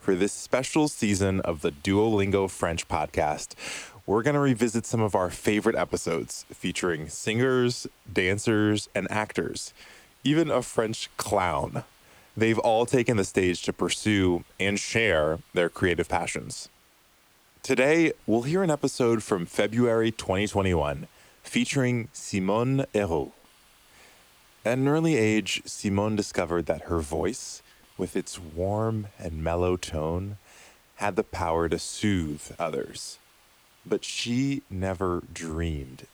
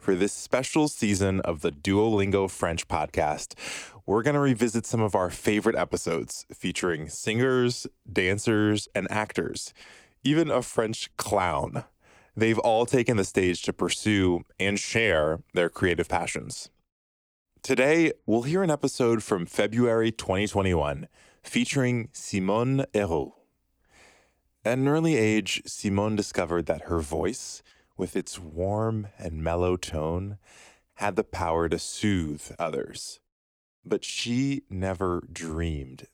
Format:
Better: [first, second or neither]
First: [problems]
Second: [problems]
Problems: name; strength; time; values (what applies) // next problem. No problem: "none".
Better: second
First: hiss; faint; throughout; 30 dB below the speech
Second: none